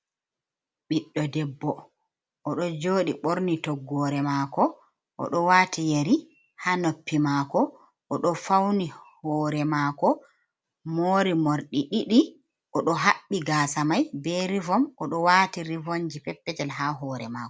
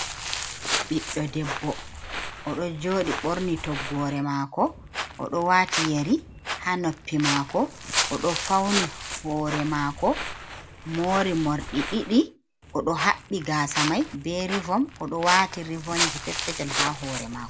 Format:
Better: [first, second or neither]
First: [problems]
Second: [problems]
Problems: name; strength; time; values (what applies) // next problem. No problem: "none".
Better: first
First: none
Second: background sound (Walk, footsteps); 6 dB below the speech